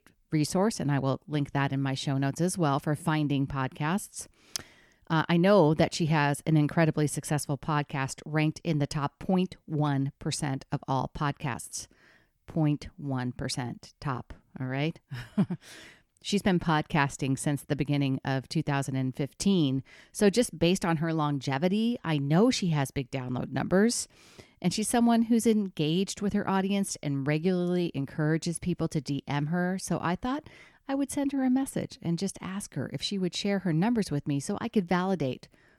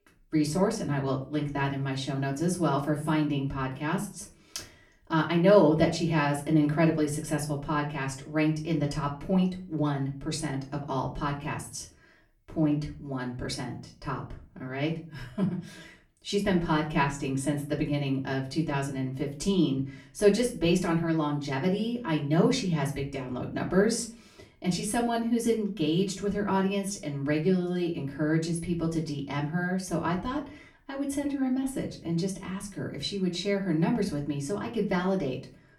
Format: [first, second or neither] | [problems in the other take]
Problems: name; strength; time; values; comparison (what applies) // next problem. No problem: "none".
first | off-mic speech; far // room echo; very slight; dies away in 0.3 s